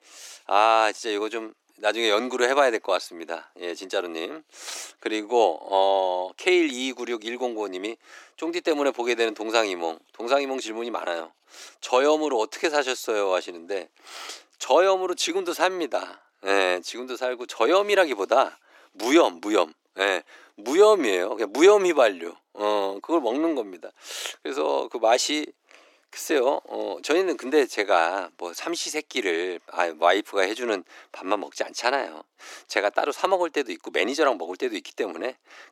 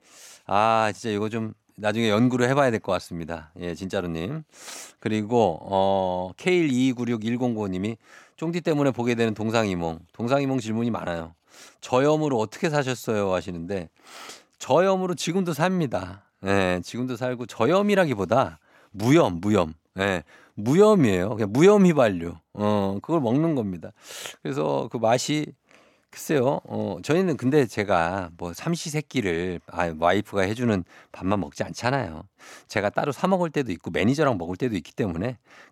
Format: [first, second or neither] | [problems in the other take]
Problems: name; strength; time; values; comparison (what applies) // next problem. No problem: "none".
second | thin; somewhat; fading below 300 Hz